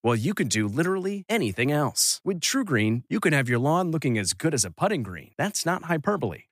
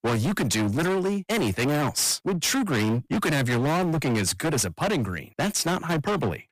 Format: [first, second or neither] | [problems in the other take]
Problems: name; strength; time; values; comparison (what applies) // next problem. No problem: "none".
first | distortion; heavy; 34% of the sound clipped